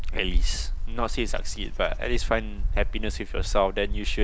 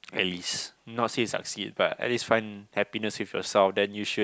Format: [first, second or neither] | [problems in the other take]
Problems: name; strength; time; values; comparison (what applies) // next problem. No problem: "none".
second | background sound (Wind); 4 dB above the speech